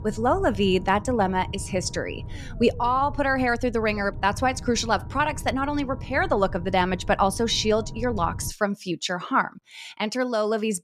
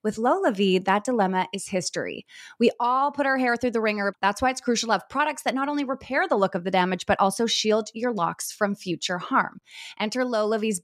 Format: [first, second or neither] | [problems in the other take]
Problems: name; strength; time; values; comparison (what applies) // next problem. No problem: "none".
second | low rumble; faint; until 8.5 s; 25 dB below the speech